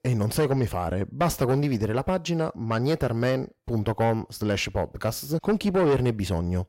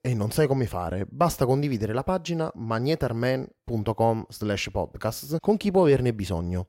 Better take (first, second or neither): second